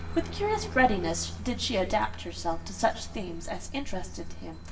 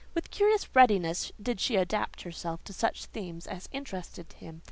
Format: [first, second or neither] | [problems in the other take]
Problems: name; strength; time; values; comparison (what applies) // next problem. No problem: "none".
second | background sound (Aircraft); 11 dB below the speech // room echo; dies away in 0.6 s